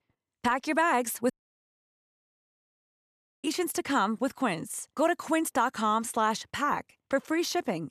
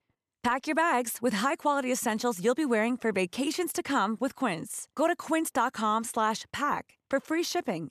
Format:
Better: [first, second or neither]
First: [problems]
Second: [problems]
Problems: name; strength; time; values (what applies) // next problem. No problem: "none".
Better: second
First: audio cutting out; at 1.5 s for 2 s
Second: none